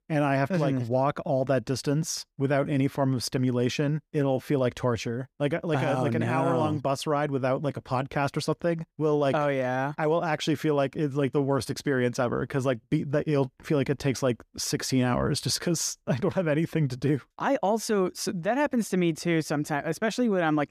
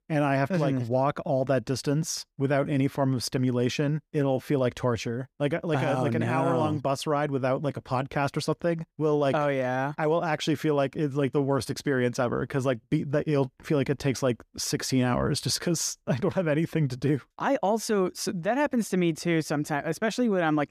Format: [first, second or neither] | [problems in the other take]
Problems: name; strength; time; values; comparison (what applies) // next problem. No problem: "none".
neither | none